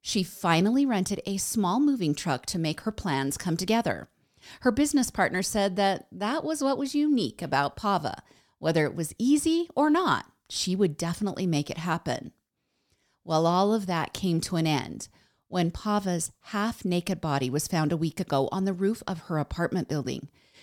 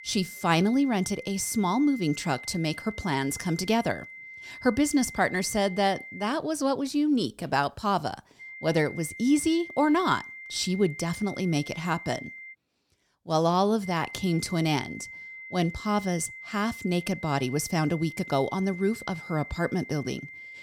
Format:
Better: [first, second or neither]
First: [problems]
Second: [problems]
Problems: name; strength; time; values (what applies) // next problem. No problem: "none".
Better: first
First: none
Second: high-pitched whine; noticeable; until 6.5 s, from 8.5 to 13 s and from 14 s on; 2 kHz, 15 dB below the speech